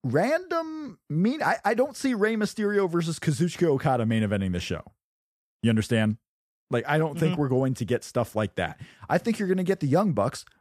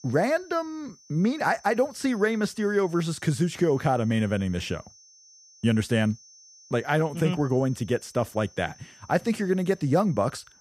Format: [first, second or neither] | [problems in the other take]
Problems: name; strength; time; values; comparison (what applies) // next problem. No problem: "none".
first | high-pitched whine; faint; throughout; 6 kHz, 25 dB below the speech